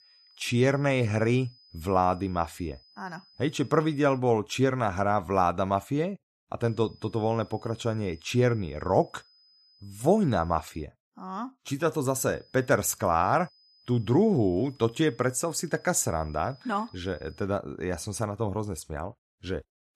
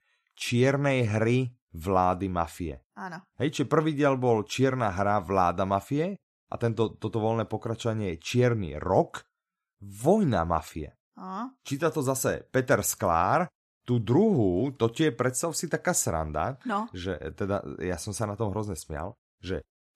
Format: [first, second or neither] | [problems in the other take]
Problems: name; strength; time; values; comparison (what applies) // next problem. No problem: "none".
second | high-pitched whine; faint; until 4 s, from 6.5 to 11 s and from 12 to 17 s; 5 kHz, 30 dB below the speech